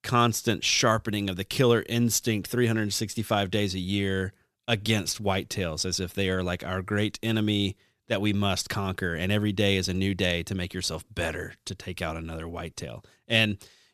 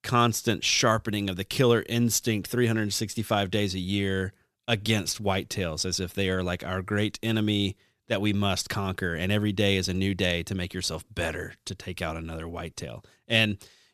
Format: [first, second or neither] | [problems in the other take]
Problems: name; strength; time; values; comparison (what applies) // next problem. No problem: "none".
neither | none